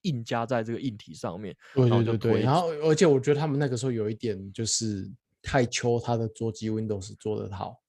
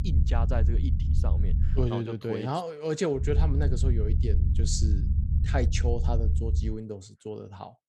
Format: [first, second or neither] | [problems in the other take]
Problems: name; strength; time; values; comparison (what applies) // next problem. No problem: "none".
first | low rumble; loud; until 2 s and from 3 to 6.5 s; 9 dB below the speech